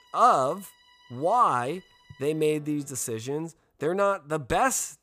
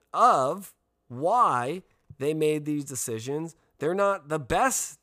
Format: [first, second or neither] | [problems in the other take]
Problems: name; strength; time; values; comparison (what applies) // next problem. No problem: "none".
second | background music; faint; until 3 s; 30 dB below the speech